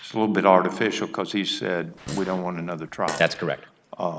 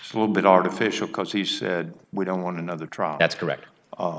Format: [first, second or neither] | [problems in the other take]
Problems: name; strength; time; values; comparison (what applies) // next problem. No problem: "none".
second | background sound (Fart); 14 dB below the speech